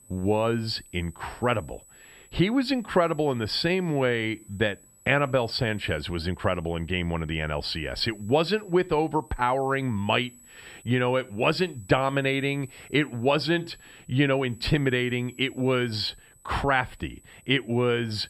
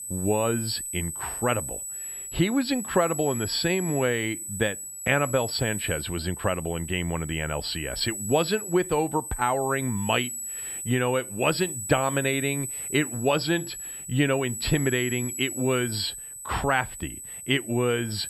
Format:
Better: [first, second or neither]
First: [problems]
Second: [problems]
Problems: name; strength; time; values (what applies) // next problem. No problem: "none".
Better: first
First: high-pitched whine; faint; throughout; 8 kHz, 25 dB below the speech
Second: high-pitched whine; loud; throughout; 8 kHz, 6 dB below the speech